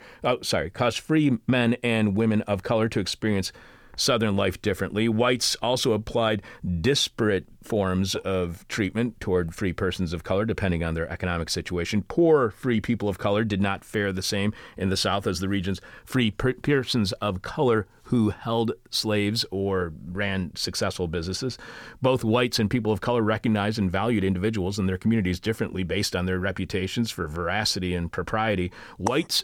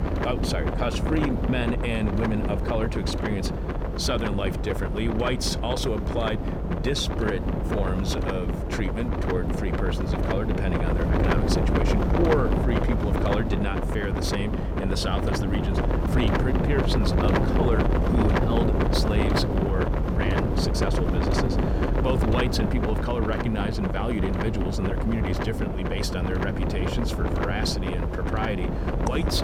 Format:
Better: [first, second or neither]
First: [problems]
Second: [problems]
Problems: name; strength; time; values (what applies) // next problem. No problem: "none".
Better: first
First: none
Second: wind noise on the microphone; heavy; 1 dB above the speech